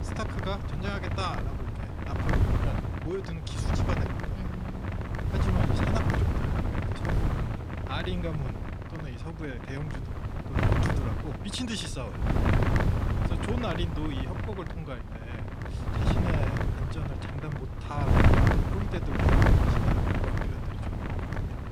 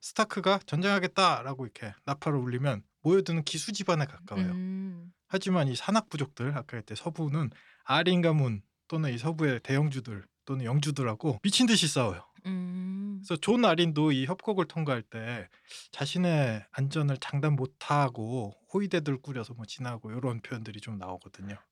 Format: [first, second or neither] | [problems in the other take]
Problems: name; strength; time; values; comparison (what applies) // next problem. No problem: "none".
second | wind noise on the microphone; heavy; 5 dB above the speech